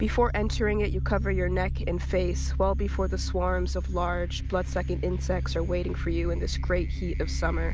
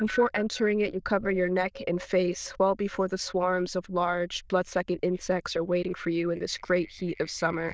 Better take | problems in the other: first | noise reduction (neural diffusion model UNIVERSE++)

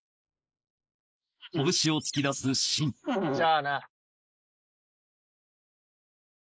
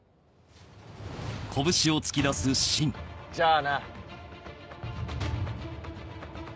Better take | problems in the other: second | noise reduction (neural mask model Resemble Enhance denoiser)

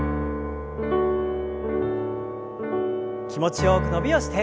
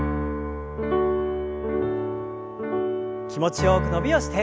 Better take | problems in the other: second | background sound (Wind instrument, woodwind instrument); 16 dB below the speech

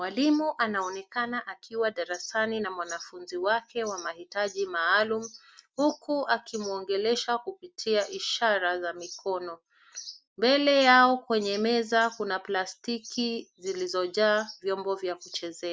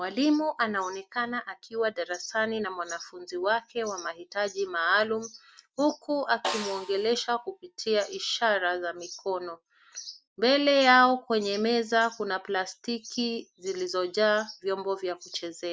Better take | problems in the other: first | background sound (Snare drum); 12 dB below the speech

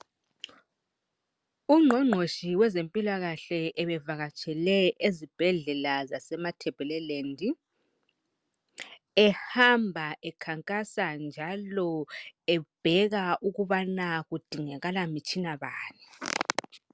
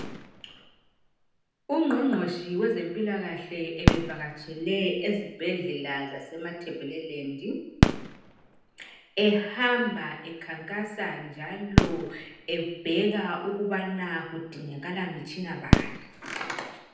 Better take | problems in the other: first | background sound (Fireworks); 1 dB below the speech // room echo; dies away in 0.9 s

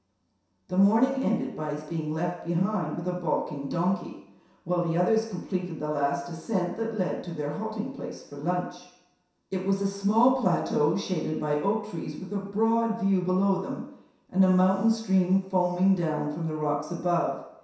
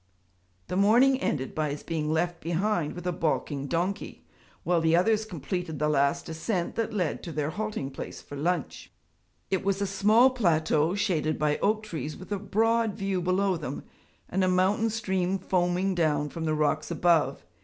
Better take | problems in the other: second | room echo; dies away in 0.7 s

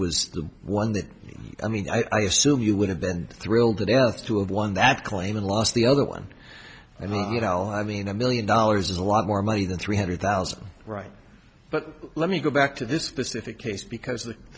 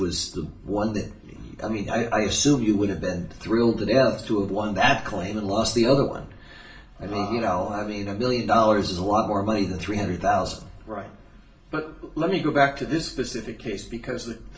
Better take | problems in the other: first | room echo; dies away in 0.4 s

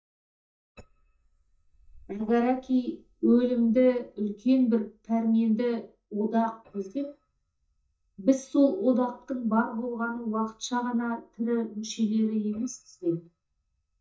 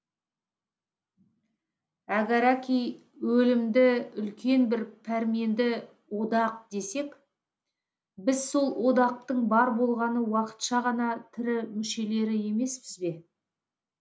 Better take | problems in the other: second | noise reduction (neural mask model DeepFilterNet 3)

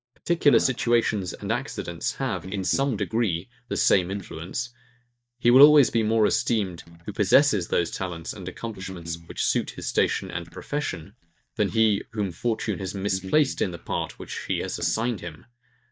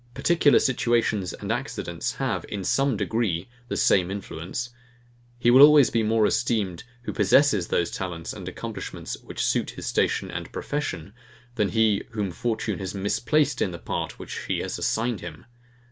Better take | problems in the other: second | noise reduction (neural mask model DeepFilterNet 3)

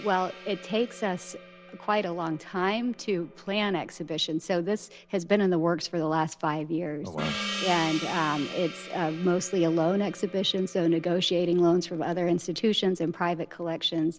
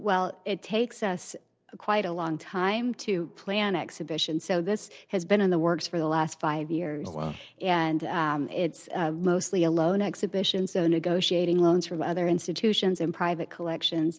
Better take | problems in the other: second | background sound (Gong); 15 dB below the speech

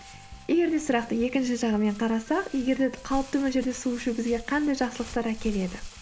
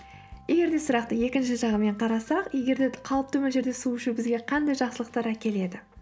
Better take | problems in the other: second | background sound (Crumpling, crinkling); 16 dB below the speech

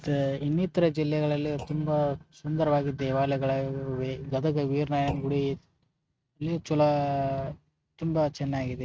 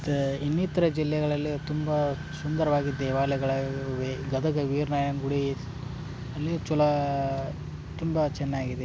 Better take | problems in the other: second | noise reduction (neural mask model RNNoise)

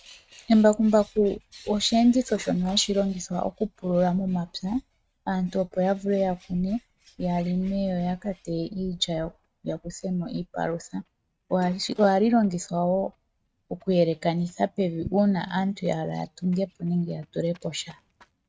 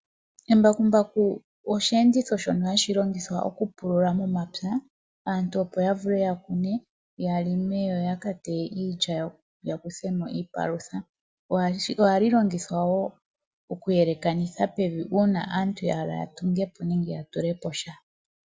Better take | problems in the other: second | noise reduction (neural mask model RNNoise)

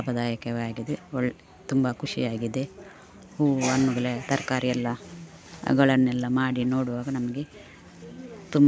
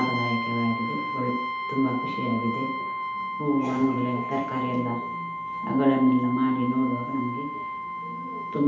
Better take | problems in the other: first | background sound (Brass instrument); 5 dB below the speech // room echo; dies away in 2.2 s

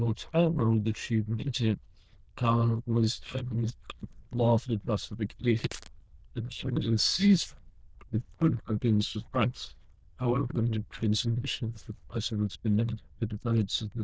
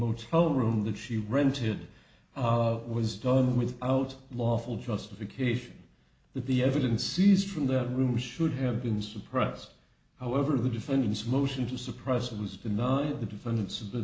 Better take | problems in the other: second | noise reduction (neural diffusion model UNIVERSE++)

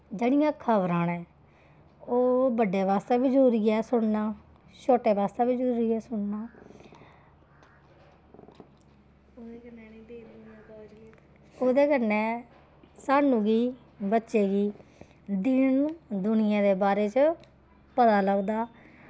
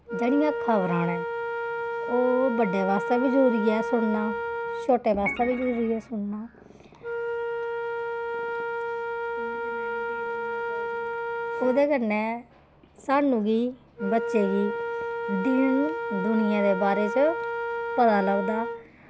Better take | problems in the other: first | background sound (Wind instrument, woodwind instrument + Organ); 4 dB below the speech

